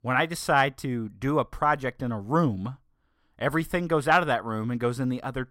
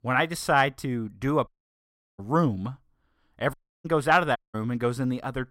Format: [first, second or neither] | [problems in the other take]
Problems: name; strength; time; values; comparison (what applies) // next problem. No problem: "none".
first | audio cutting out; at 1.5 s for 0.5 s, at 3.5 s and at 4.5 s